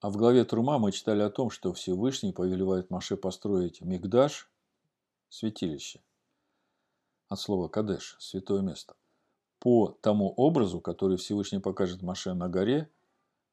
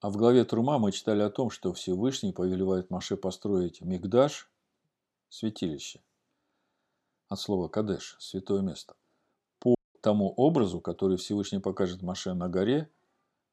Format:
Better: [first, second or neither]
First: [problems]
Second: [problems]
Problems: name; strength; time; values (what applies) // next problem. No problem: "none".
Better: first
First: none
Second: audio cutting out; at 10 s